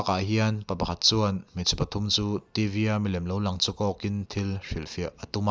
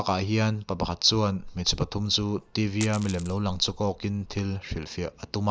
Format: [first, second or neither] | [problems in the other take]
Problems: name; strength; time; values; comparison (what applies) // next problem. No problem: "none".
first | background sound (Coin (dropping)); 16 dB below the speech